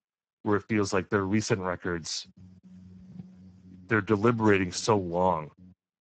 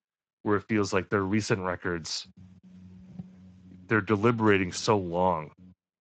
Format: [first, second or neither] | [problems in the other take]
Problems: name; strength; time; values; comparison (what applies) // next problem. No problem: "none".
second | garbled, watery; badly; nothing above 8 kHz; slightly in the second